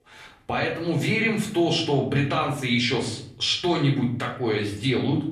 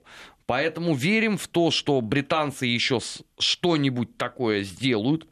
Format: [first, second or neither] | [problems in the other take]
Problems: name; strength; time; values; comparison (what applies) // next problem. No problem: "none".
second | off-mic speech; far // room echo; slight; dies away in 0.6 s